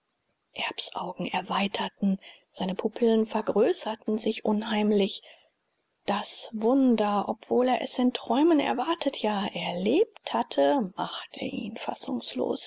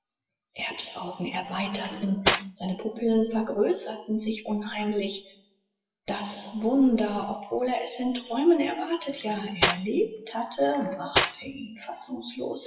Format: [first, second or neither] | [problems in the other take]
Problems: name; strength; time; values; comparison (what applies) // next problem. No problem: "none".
first | noise reduction (classical method WPE with log-MMSE)